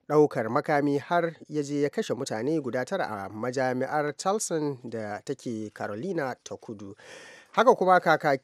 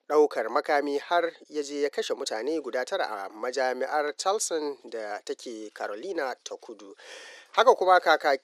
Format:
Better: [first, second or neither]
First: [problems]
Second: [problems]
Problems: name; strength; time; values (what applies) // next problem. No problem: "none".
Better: first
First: none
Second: thin; somewhat; fading below 350 Hz